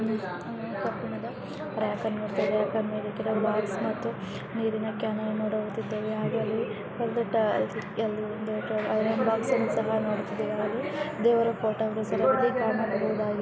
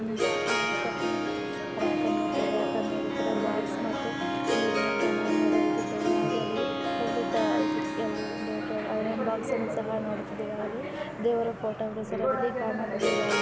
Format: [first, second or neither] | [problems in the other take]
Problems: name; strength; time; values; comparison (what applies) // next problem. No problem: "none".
first | background sound (Harp); 1 dB above the speech